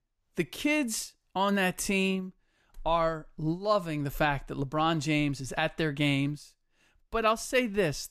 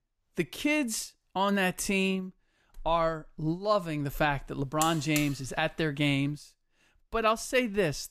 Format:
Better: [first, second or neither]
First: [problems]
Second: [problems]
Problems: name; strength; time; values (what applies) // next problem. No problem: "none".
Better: first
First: none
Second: alarm; noticeable; at 5 s; peak 5 dB below the speech